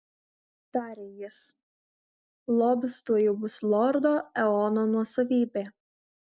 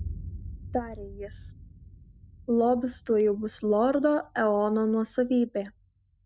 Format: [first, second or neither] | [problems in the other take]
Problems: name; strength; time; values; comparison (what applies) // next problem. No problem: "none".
first | background sound (Boom); 16 dB below the speech